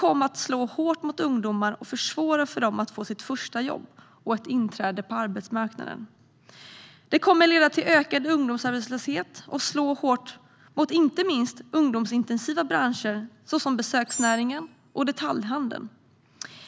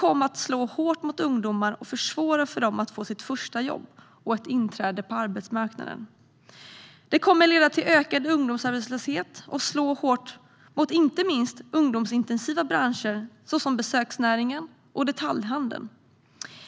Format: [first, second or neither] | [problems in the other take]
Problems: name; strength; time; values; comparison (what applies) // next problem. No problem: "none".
second | background sound (Animal); 12 dB below the speech